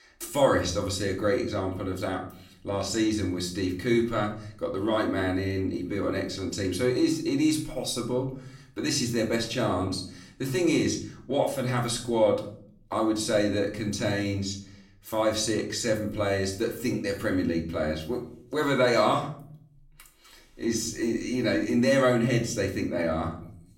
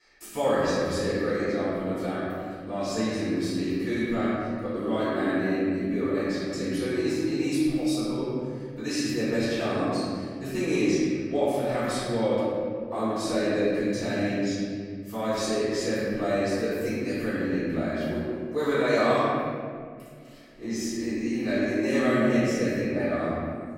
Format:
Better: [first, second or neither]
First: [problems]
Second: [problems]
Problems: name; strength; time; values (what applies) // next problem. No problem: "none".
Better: first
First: room echo; slight; dies away in 0.5 s // off-mic speech; somewhat distant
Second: room echo; strong; dies away in 2.1 s // off-mic speech; far